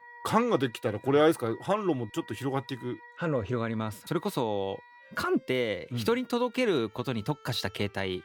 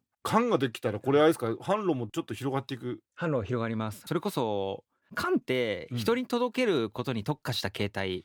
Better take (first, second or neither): second